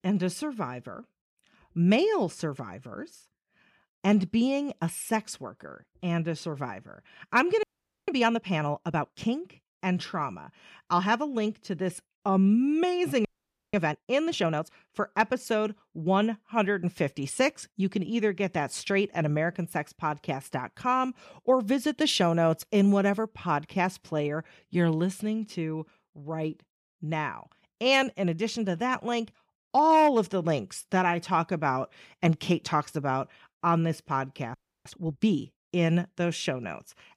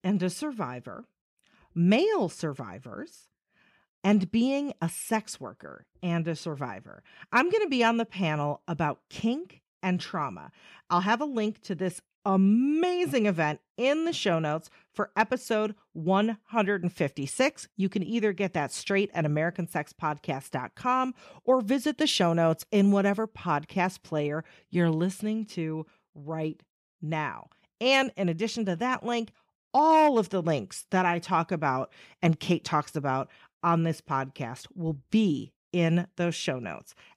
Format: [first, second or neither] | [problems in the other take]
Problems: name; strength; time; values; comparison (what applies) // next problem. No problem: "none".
second | audio freezing; at 7.5 s, at 13 s and at 35 s